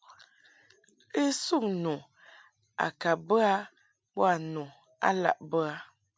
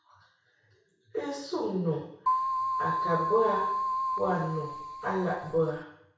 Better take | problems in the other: first | background sound (Keyboard (musical)); 1 dB above the speech // room echo; dies away in 0.6 s

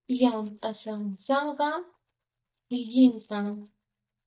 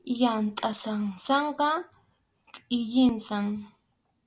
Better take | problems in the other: second | noise reduction (neural mask model DeepFilterNet 3)

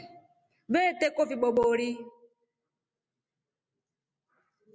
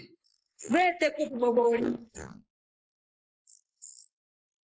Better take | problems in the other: first | noise reduction (neural mask model Resemble Enhance denoiser)

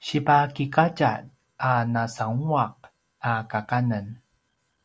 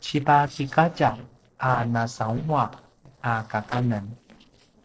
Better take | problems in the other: first | noise reduction (neural separator model SepFormer DNS4)

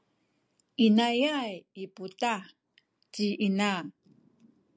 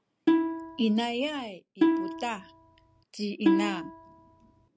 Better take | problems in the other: first | background sound (Plucked string instrument); 5 dB above the speech

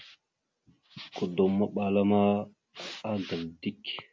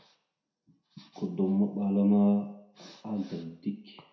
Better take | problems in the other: first | room echo; dies away in 0.6 s

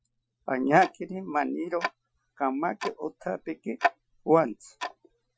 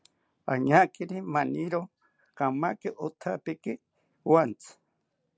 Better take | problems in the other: second | noise reduction (classical method Wiener filter)

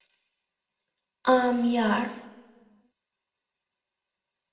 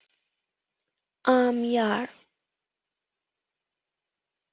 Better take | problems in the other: second | room echo; dies away in 1 s

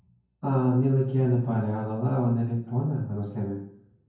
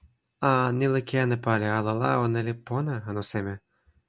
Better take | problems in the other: second | room echo; dies away in 0.9 s

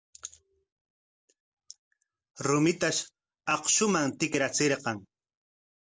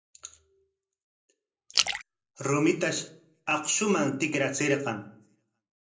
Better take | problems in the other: first | background sound (Splash, splatter); 4 dB below the speech // room echo; dies away in 0.5 s

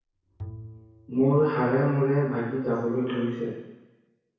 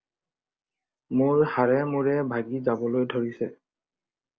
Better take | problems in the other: second | background sound (Bowed string instrument); 20 dB below the speech // room echo; dies away in 1.1 s

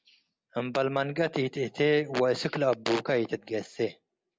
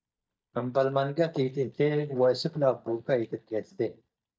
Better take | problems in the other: first | noise reduction (neural mask model DeepFilterNet 3)

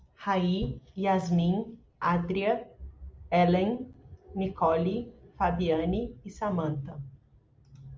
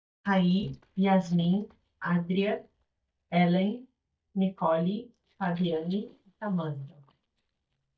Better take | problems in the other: first | noise reduction (neural mask model DeepFilterNet 3)

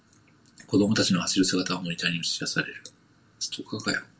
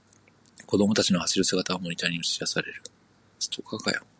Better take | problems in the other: second | room echo; dies away in 0.2 s

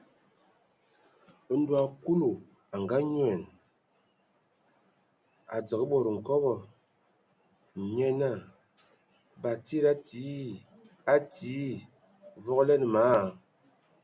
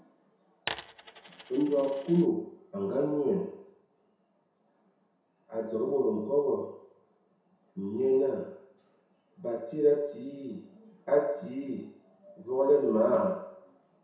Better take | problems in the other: first | background sound (Coin (dropping)); 13 dB below the speech // room echo; dies away in 0.7 s

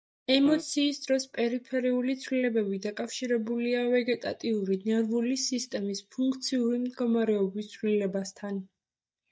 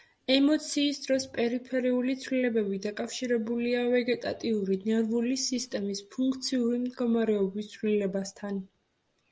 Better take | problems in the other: second | noise reduction (neural mask model DeepFilterNet 3)

